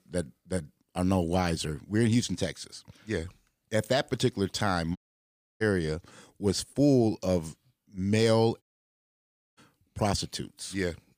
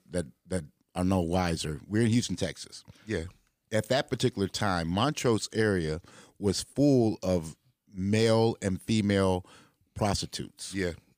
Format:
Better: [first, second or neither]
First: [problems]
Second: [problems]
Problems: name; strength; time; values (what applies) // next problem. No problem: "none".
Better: second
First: audio cutting out; at 5 s for 0.5 s and at 8.5 s for 1 s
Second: none